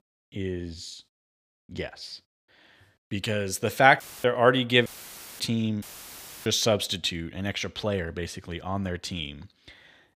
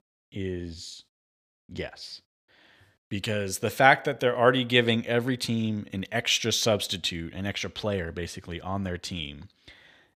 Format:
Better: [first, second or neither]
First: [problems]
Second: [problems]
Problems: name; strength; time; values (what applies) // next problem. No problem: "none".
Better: second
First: audio cutting out; filled with static; at 4 s, at 5 s for 0.5 s and at 6 s for 0.5 s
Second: none